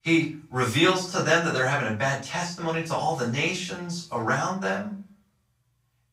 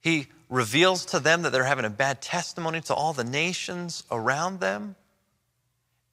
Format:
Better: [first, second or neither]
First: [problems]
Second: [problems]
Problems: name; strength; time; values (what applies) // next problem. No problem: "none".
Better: second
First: off-mic speech; far // room echo; slight; dies away in 0.3 s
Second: none